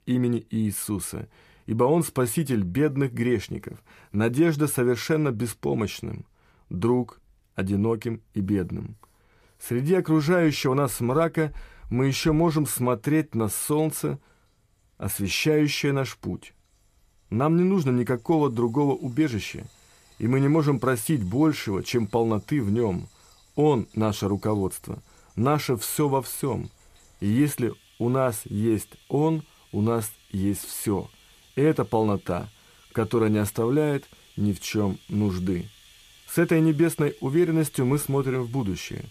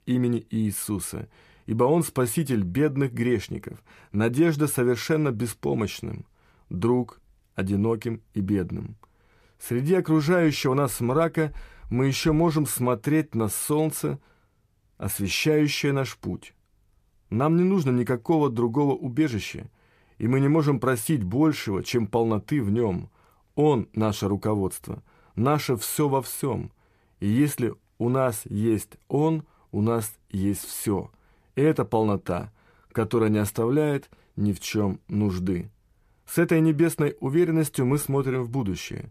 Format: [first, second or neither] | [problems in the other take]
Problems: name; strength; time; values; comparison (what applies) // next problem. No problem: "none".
second | household noises; faint; throughout; 30 dB below the speech